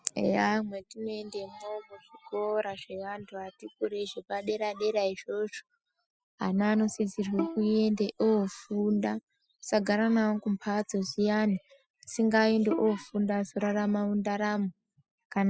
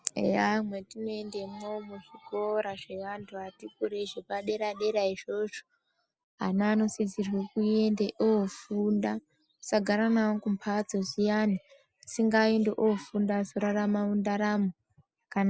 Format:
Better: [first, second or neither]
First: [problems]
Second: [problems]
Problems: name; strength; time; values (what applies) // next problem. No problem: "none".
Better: second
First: noise reduction (classical method spectral subtraction)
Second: none